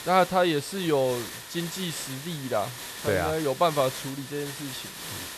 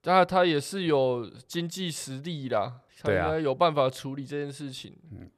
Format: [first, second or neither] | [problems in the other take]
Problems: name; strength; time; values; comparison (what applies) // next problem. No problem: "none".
second | hiss; loud; throughout; 9 dB below the speech